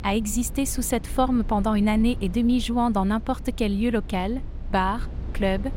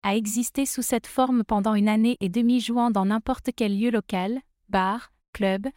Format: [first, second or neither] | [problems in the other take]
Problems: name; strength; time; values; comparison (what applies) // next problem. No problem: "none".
second | low rumble; faint; throughout; 20 dB below the speech